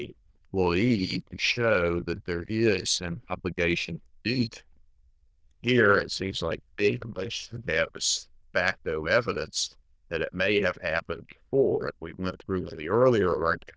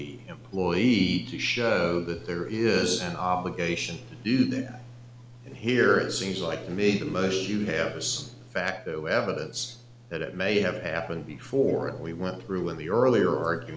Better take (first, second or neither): second